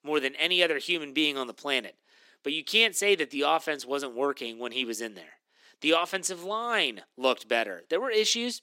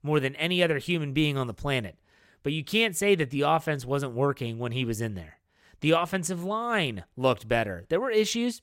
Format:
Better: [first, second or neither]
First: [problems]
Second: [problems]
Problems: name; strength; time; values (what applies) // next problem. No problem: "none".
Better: second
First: thin; somewhat; fading below 250 Hz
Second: none